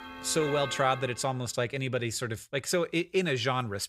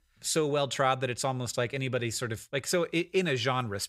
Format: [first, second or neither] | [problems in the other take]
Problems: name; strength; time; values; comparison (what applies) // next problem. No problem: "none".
second | household noises; loud; at the start; 10 dB below the speech